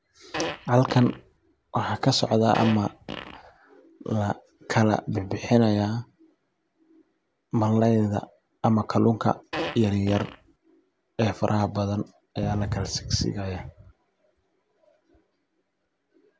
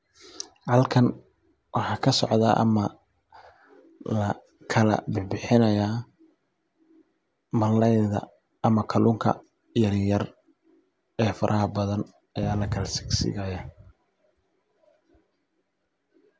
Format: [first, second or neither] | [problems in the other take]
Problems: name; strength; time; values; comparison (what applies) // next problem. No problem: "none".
second | background sound (Fart); 8 dB below the speech